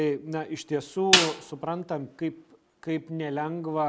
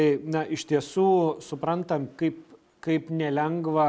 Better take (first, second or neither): second